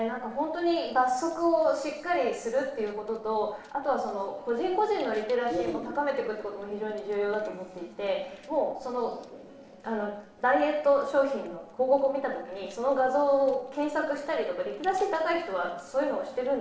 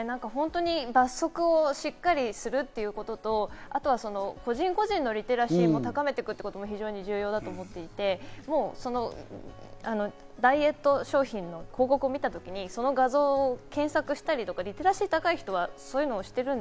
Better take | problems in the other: second | noise reduction (neural separator model SepFormer DNS4)

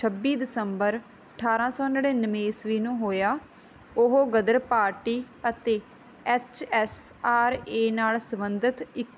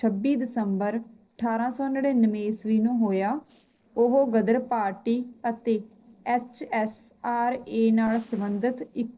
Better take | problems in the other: first | noise reduction (neural separator model SepFormer DNS4)

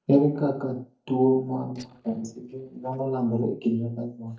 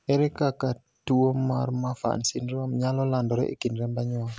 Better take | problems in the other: second | noise reduction (neural mask model DeepFilterNet 3)

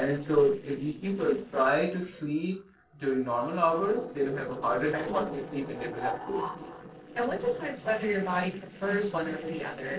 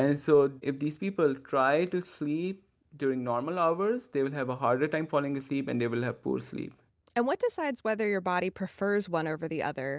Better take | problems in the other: second | noise reduction (neural separator model SepFormer DNS4)

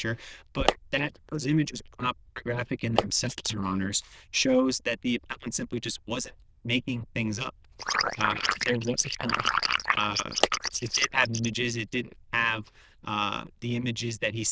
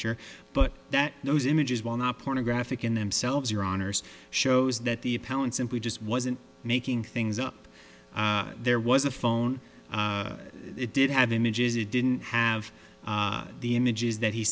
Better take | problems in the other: second | noise reduction (neural diffusion model UNIVERSE++)

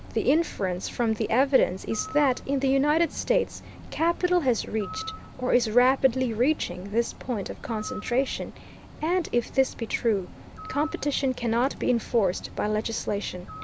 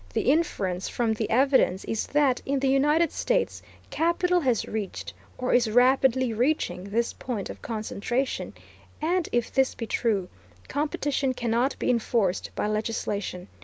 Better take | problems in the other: second | background sound (Bird); 16 dB below the speech

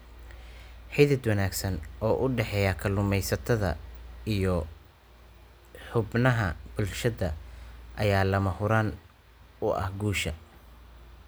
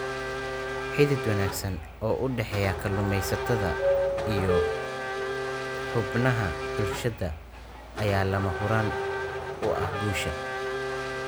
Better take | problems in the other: first | background sound (Race car, auto racing / Accelerating, revving, vroom + Doorbell); 1 dB below the speech

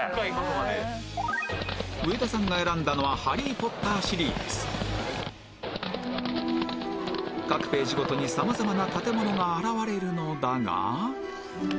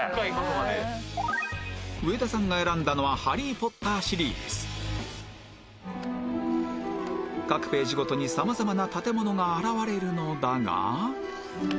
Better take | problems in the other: second | background sound (Livestock, farm animals, working animals); 6 dB below the speech

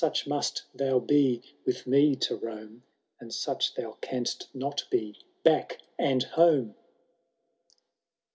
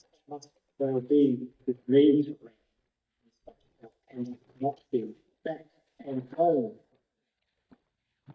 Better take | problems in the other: first | noise reduction (neural mask model DeepFilterNet 3)

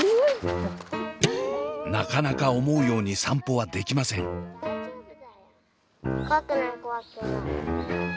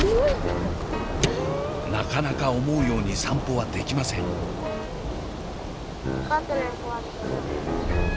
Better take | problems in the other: first | background sound (Thunder / Rain); 2 dB below the speech

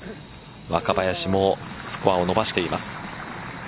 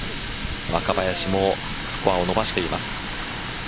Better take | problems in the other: first | background sound (Water tap, faucet); 5 dB below the speech

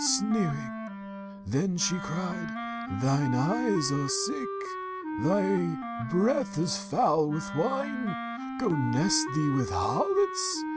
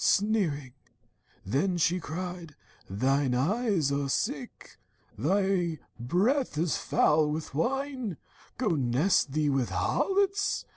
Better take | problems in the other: second | background sound (Wind instrument, woodwind instrument); 6 dB below the speech

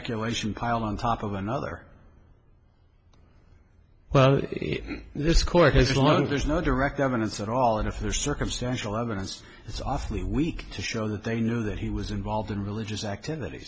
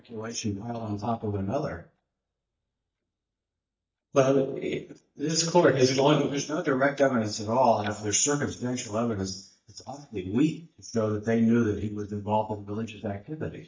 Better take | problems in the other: first | noise reduction (neural mask model DeepFilterNet 3)

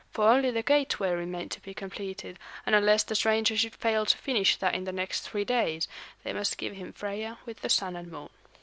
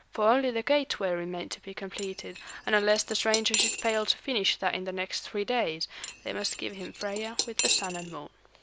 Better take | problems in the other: first | background sound (Cutlery, silverware / Dishes, pots, and pans); 5 dB below the speech

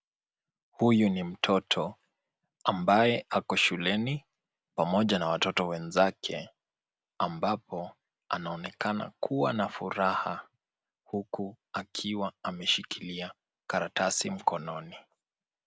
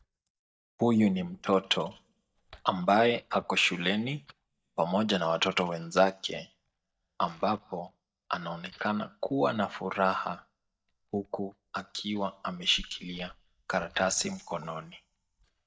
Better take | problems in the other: first | noise reduction (neural mask model DeepFilterNet 3)

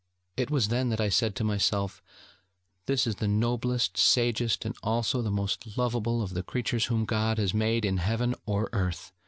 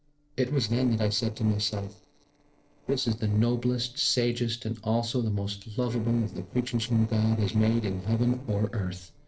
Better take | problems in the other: first | noise reduction (neural separator model SepFormer DNS4)

